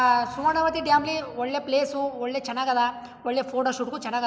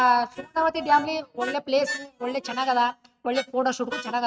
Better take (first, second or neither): first